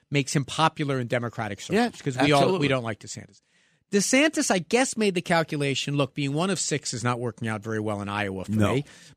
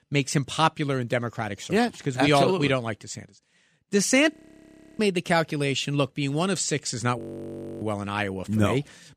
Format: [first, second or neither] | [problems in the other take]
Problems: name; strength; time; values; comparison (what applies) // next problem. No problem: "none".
first | audio freezing; at 4.5 s for 0.5 s and at 7 s for 0.5 s